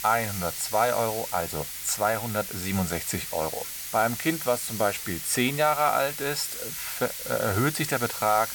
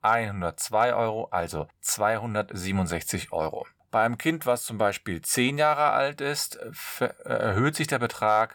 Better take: second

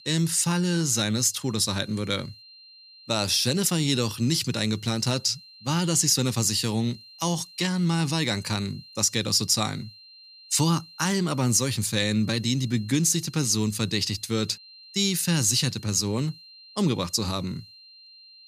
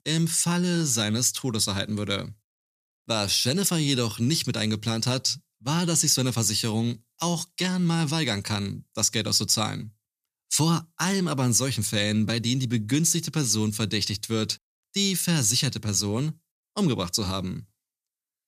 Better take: second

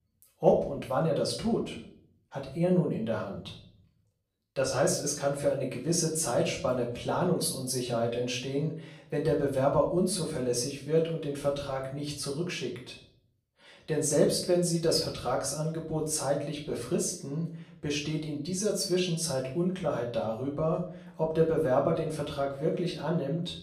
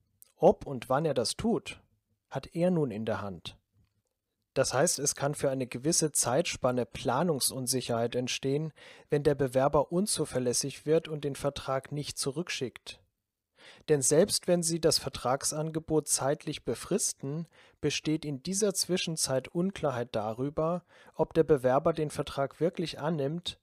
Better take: second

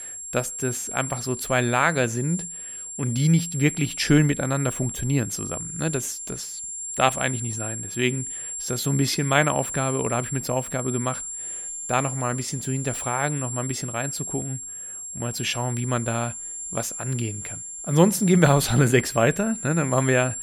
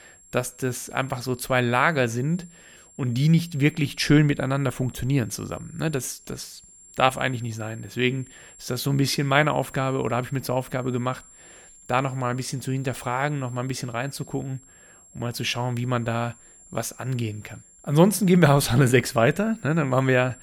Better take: second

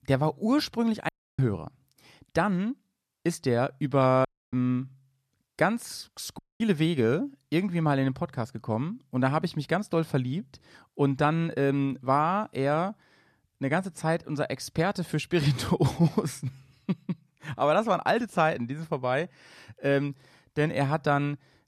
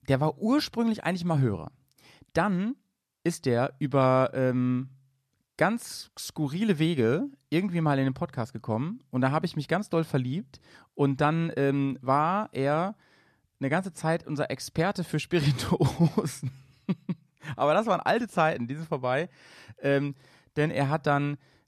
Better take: second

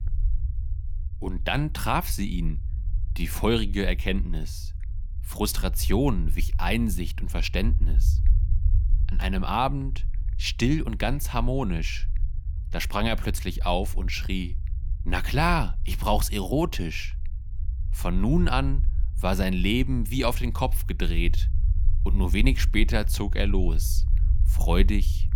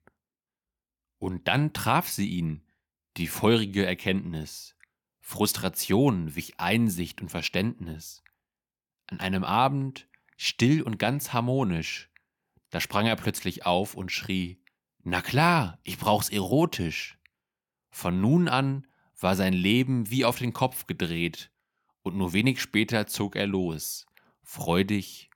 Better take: second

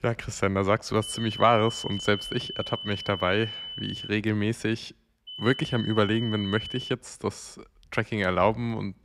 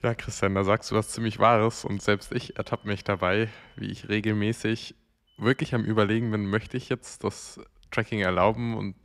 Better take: second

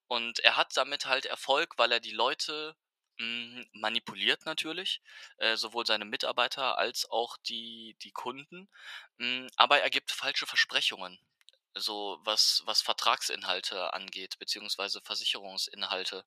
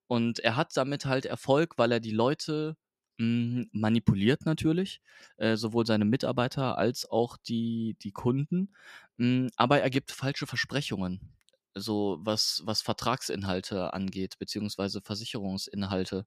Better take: second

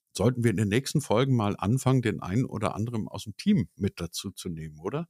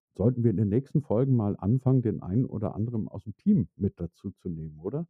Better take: first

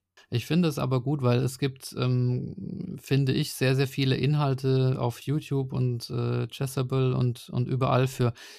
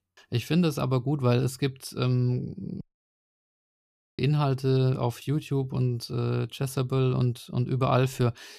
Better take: first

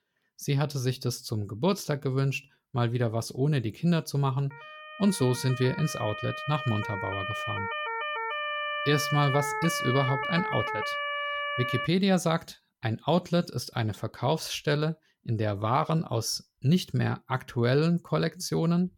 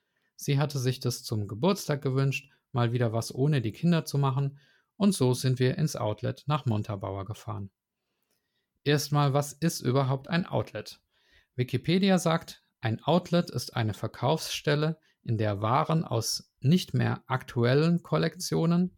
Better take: second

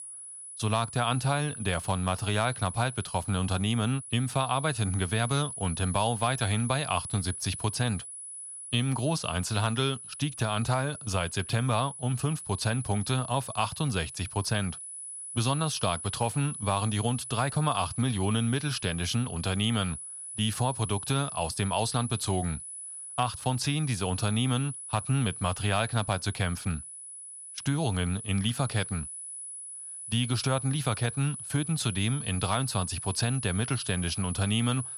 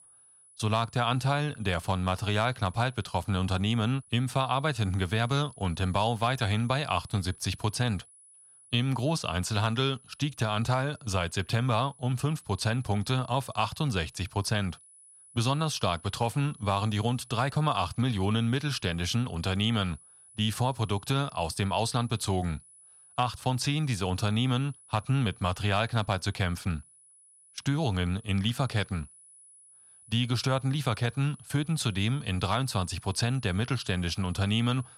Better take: second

